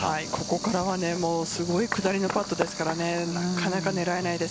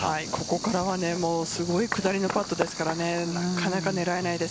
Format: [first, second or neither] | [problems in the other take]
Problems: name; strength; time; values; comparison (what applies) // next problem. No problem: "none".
second | background sound (Wind instrument, woodwind instrument); 19 dB below the speech